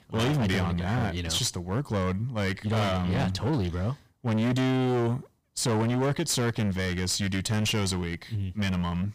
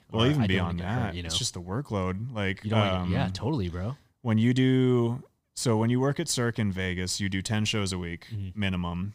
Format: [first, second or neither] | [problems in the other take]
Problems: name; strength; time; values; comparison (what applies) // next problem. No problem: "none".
second | distortion; heavy; 20% of the sound clipped